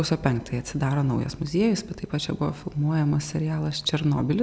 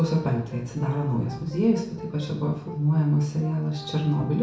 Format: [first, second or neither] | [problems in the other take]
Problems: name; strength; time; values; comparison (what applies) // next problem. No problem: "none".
first | background sound (Brass instrument); 16 dB below the speech // room echo; dies away in 0.6 s